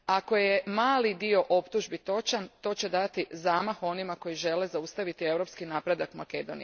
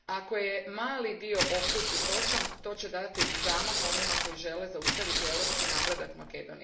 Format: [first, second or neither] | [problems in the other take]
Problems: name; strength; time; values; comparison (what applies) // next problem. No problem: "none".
first | background sound (Tearing); 4 dB above the speech // room echo; dies away in 0.5 s